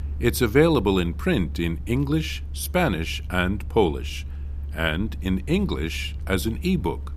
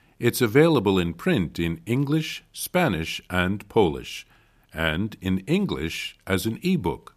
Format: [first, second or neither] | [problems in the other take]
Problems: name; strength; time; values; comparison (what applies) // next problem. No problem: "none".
second | low rumble; faint; throughout; 25 dB below the speech